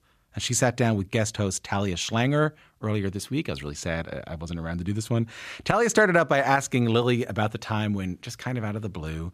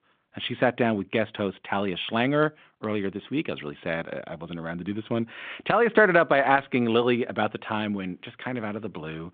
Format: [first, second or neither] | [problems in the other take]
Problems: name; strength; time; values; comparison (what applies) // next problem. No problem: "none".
first | phone-call audio